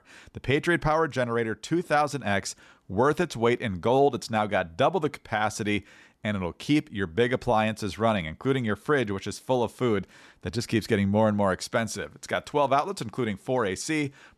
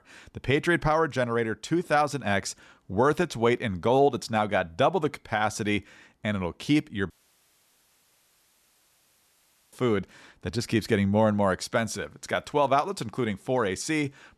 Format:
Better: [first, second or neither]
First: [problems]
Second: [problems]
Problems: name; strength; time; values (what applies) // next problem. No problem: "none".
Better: first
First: none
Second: audio cutting out; at 7 s for 2.5 s